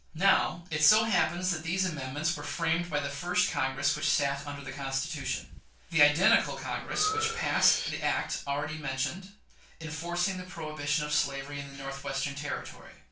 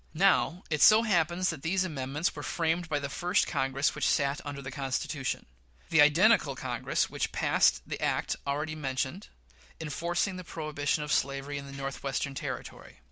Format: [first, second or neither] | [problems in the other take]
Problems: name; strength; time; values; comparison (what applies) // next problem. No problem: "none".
second | background sound (Breathing); 15 dB below the speech // room echo; dies away in 0.2 s